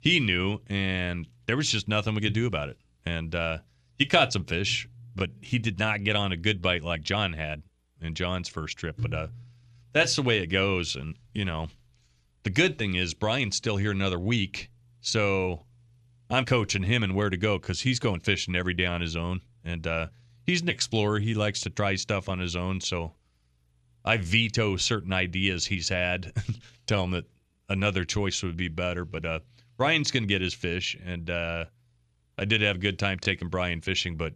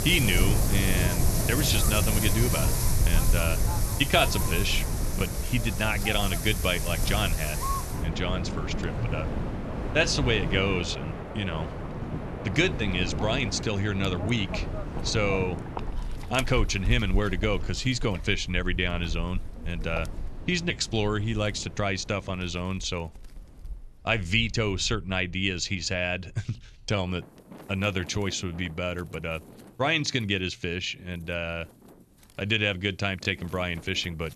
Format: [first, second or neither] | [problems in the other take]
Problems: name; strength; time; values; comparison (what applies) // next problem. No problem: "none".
first | wind in the background; loud; throughout; 3 dB below the speech